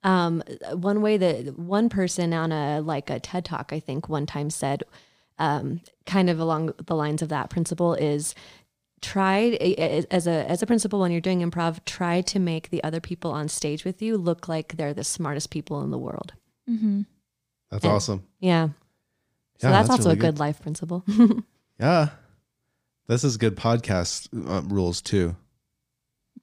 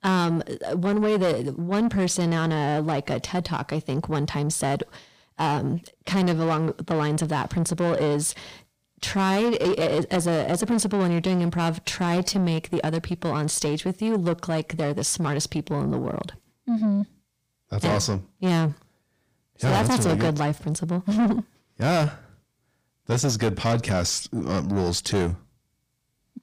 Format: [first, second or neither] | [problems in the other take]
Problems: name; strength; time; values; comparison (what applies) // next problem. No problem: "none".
first | distortion; heavy; 8 dB below the speech